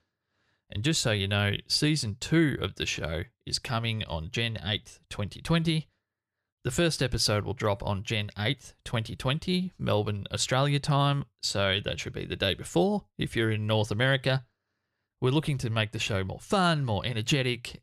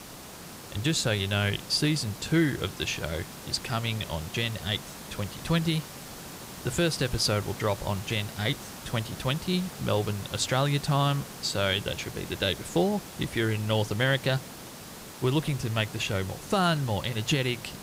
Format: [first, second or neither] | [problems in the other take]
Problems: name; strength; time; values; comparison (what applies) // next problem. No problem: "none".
first | hiss; noticeable; throughout; 15 dB below the speech